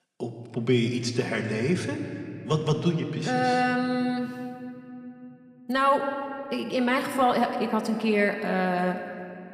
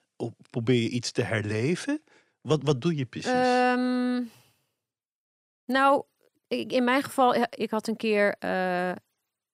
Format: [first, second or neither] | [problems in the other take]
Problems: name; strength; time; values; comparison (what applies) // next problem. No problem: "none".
second | room echo; slight; dies away in 2.2 s // off-mic speech; somewhat distant